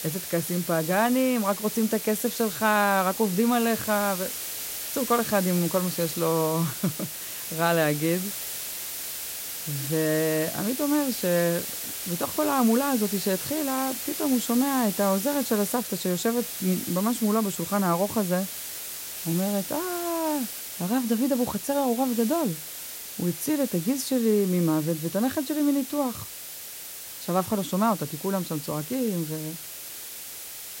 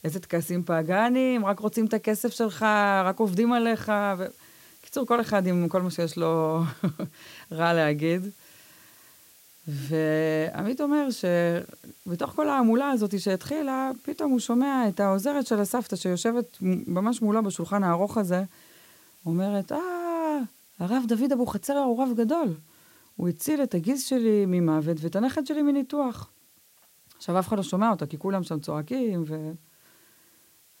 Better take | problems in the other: second | hiss; loud; throughout; 6 dB below the speech; faint in the second

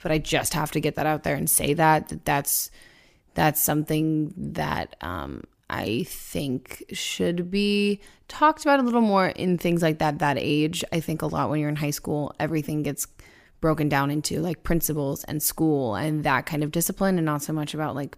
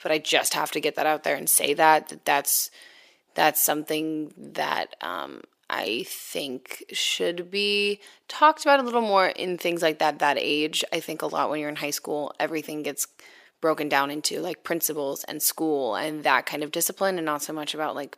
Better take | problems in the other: first | thin; somewhat; fading below 450 Hz

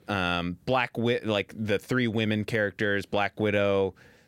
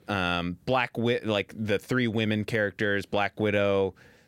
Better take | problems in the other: neither | none

